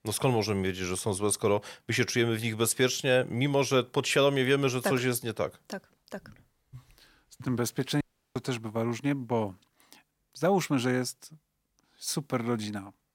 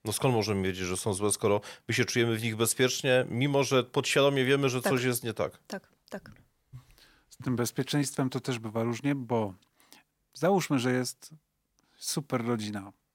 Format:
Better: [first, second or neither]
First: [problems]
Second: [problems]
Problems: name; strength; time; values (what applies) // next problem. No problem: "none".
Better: second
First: audio cutting out; at 8 s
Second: none